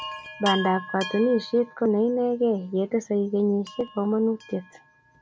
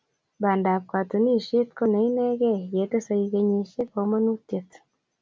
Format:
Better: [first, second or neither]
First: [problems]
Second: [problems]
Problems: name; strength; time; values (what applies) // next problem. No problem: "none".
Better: second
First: background sound (Chime); 14 dB below the speech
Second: none